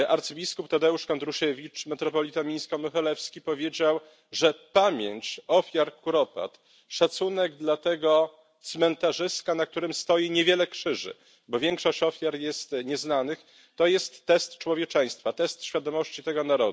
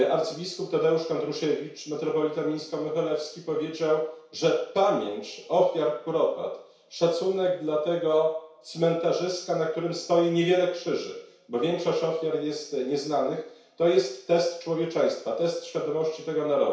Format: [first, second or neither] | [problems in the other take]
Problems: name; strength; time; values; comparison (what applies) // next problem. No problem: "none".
first | room echo; dies away in 0.6 s